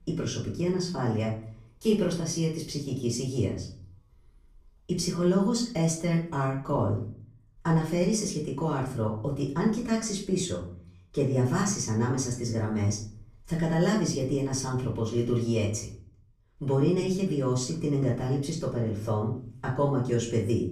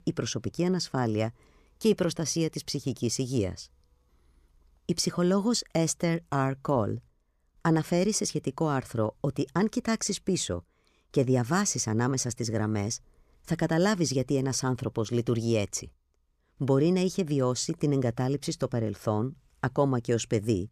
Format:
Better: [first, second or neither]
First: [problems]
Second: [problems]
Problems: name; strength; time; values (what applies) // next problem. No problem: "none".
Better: second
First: off-mic speech; far // room echo; slight; dies away in 0.4 s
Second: none